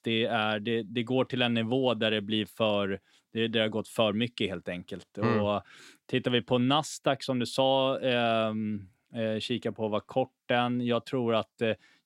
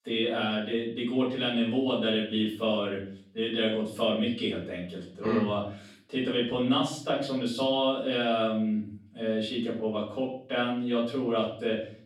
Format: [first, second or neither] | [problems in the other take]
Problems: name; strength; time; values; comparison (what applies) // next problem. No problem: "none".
first | off-mic speech; far // room echo; noticeable; dies away in 0.5 s